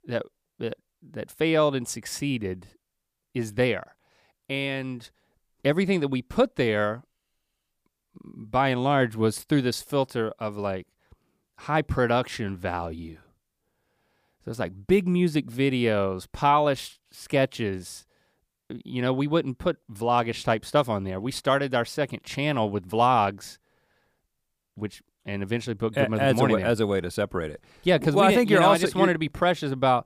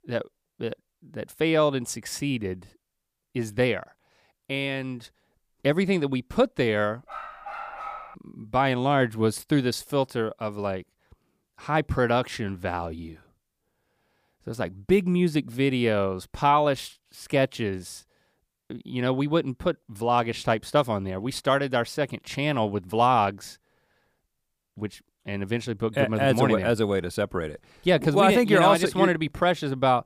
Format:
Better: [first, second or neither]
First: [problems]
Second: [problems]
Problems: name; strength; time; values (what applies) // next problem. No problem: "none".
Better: first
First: none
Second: dog barking; faint; from 7 to 8 s; peak 10 dB below the speech